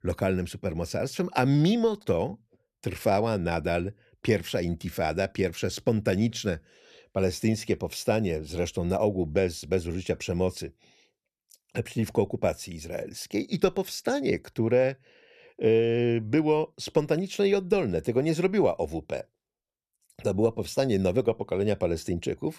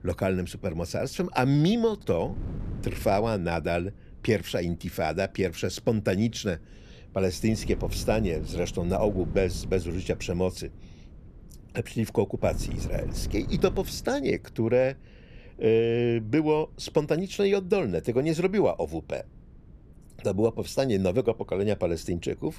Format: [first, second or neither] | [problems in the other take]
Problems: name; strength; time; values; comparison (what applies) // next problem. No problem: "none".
first | wind noise on the microphone; occasional gusts; 20 dB below the speech